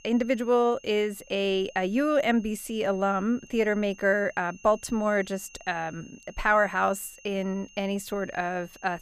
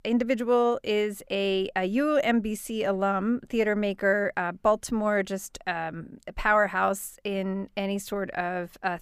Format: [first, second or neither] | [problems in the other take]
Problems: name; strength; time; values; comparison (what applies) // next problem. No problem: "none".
second | high-pitched whine; faint; throughout; 3 kHz, 25 dB below the speech